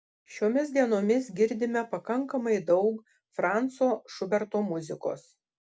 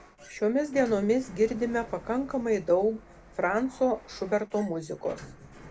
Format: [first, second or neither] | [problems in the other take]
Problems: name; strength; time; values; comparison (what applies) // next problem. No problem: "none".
first | background sound (Sliding door); 19 dB below the speech